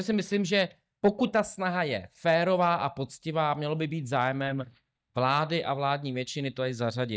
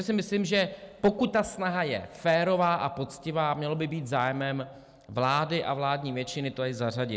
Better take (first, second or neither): second